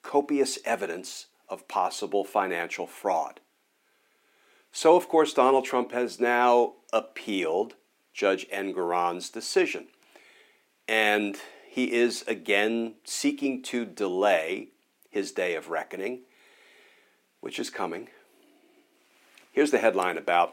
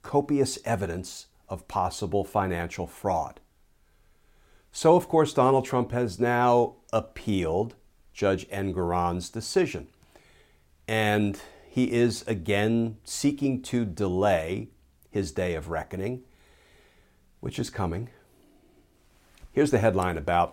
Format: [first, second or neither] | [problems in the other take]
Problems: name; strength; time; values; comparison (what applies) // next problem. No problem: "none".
second | thin; very slightly; fading below 250 Hz